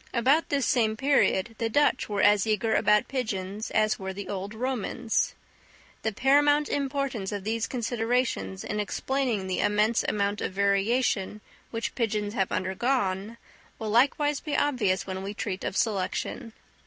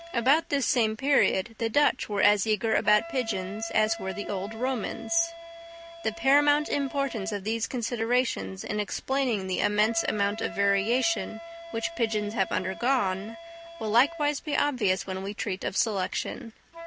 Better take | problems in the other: first | background sound (Wind instrument, woodwind instrument); 15 dB below the speech

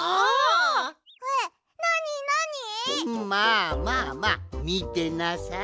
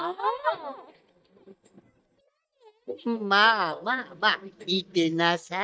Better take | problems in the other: first | noise reduction (neural mask model DeepFilterNet 3)

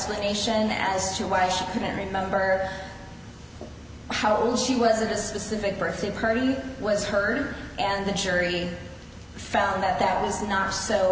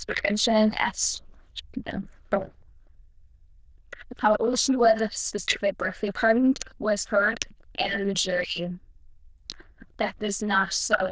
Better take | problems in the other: first | noise reduction (neural diffusion model UNIVERSE++)

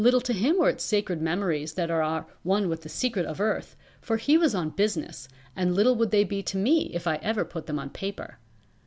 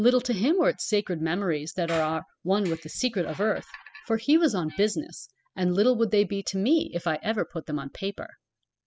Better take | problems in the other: first | noise reduction (classical method spectral subtraction)

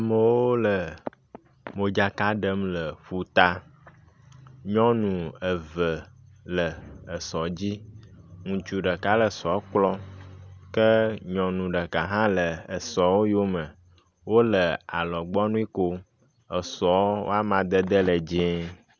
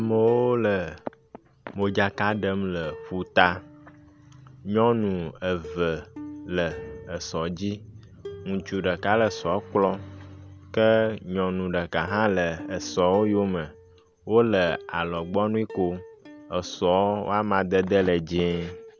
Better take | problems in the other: first | background sound (Plucked string instrument); 18 dB below the speech

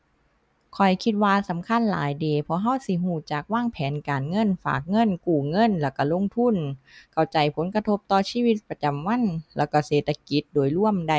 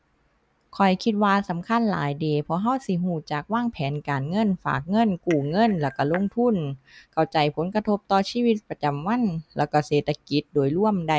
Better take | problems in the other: first | background sound (Cutlery, silverware / Dishes, pots, and pans / Chink, clink); 17 dB below the speech

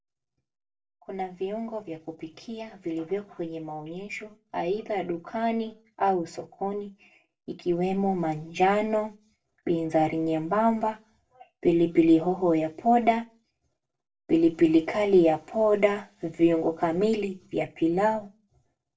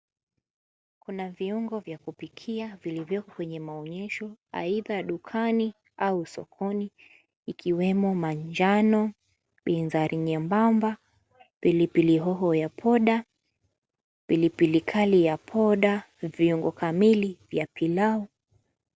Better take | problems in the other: second | room echo; dies away in 0.2 s

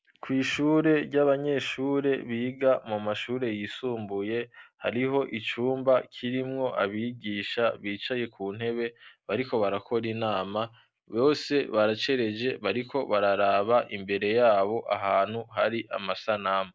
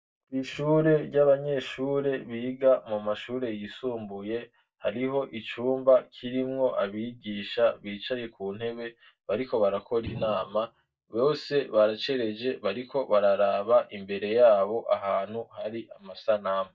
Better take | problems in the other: first | noise reduction (neural mask model DeepFilterNet 3)

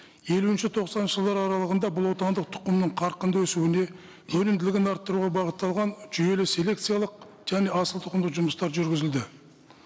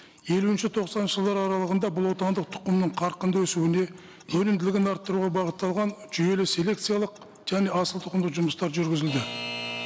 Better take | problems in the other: first | background sound (Alarm / Clock); 18 dB below the speech

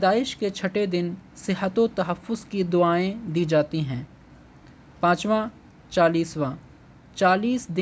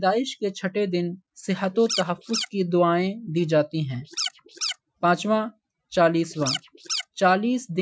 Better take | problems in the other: first | noise reduction (classical method Wiener filter)

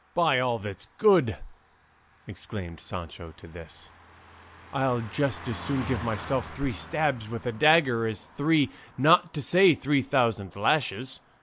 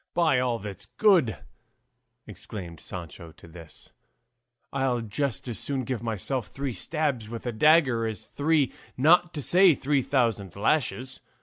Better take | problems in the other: second | background sound (Car passing by); 18 dB below the speech

